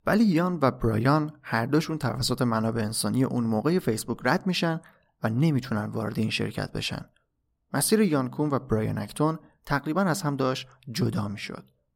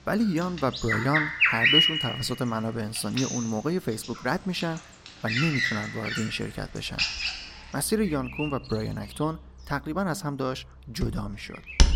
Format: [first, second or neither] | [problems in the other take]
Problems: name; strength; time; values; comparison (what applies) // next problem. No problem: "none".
first | animal sounds; very loud; throughout; 4 dB above the speech